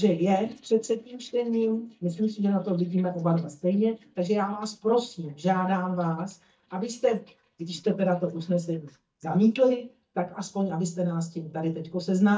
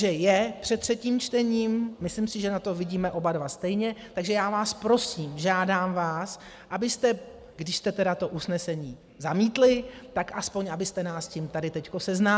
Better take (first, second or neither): second